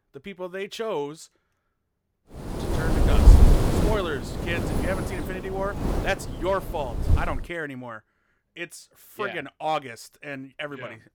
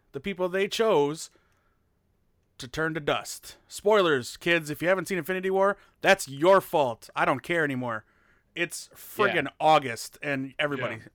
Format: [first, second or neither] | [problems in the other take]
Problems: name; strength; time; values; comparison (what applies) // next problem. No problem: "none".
second | wind noise on the microphone; heavy; from 2.5 to 7.5 s; 2 dB below the speech